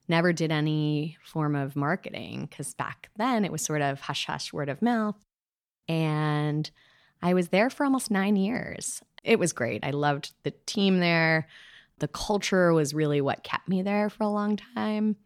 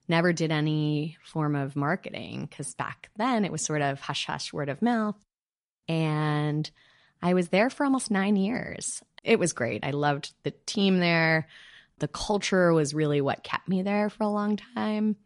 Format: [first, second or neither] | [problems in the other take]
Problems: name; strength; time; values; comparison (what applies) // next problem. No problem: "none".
first | garbled, watery; slightly; nothing above 10.5 kHz